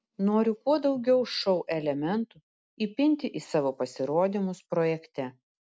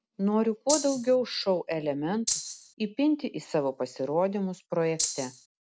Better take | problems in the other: first | background sound (Rattle (instrument)); 3 dB below the speech

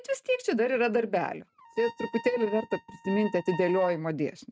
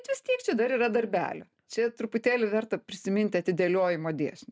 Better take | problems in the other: second | noise reduction (neural mask model RNNoise)

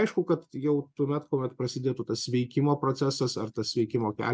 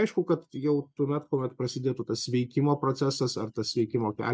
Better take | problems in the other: first | noise reduction (neural mask model DeepFilterNet 3)

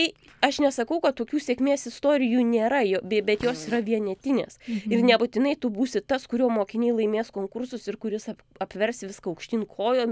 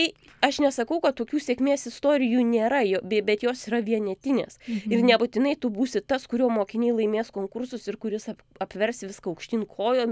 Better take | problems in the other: second | background sound (Fart); 17 dB below the speech

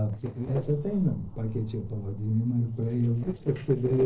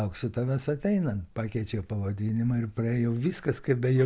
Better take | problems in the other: second | noise reduction (neural separator model SepFormer DNS4)

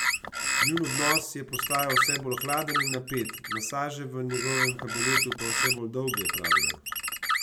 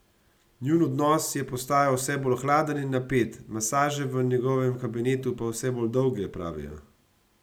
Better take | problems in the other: second | background sound (Bird); 4 dB above the speech

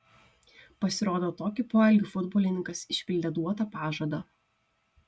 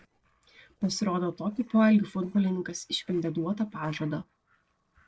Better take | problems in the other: first | noise reduction (neural separator model SepFormer DNS4)

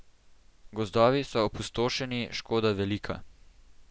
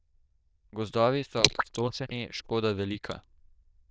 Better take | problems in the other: first | noise reduction (neural diffusion model UNIVERSE++)

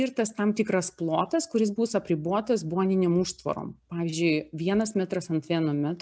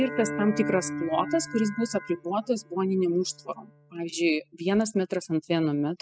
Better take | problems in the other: first | noise reduction (classical method spectral subtraction)

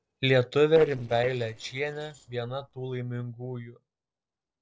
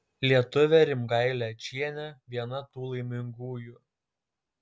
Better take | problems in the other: second | noise reduction (neural separator model SepFormer DNS4)

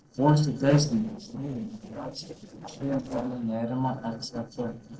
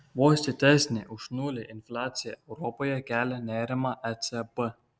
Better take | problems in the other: second | noise reduction (neural separator model SepFormer DNS4)

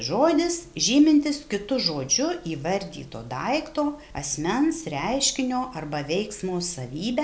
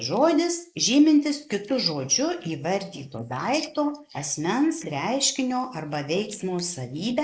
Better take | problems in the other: first | noise reduction (neural mask model Resemble Enhance denoiser)

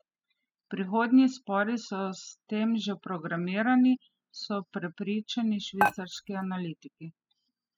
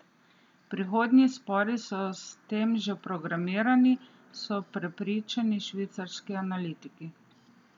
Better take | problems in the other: second | noise reduction (classical method spectral subtraction)

